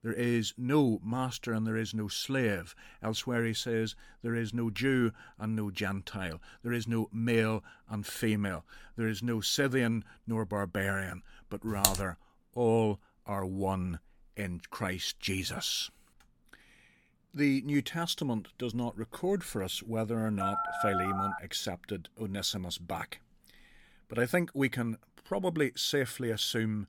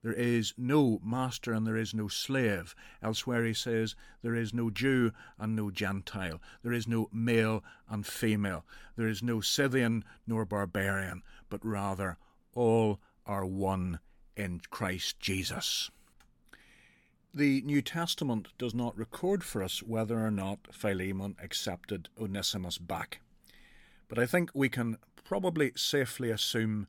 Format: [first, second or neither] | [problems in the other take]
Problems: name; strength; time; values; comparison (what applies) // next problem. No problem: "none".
second | keyboard typing; loud; at 12 s; peak 5 dB above the speech // phone ringing; loud; at 20 s; peak 1 dB above the speech